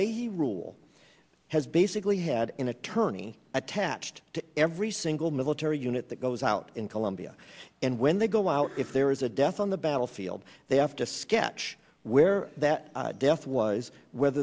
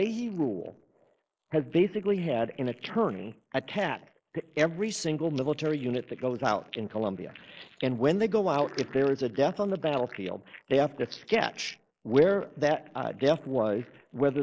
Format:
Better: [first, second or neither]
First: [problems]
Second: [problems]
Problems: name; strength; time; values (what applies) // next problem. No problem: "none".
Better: first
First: none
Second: noise reduction (neural mask model Resemble Enhance denoiser)